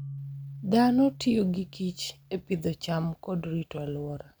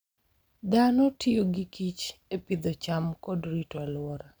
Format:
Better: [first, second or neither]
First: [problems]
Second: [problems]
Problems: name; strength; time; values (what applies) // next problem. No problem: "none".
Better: second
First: background sound (Keyboard (musical)); 16 dB below the speech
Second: none